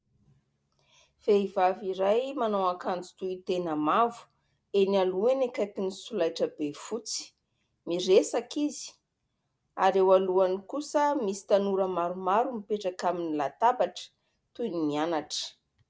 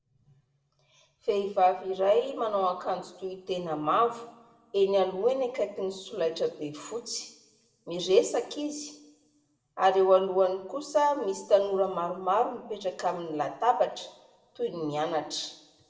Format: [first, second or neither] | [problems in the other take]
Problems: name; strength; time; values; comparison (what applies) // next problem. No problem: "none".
first | room echo; dies away in 0.8 s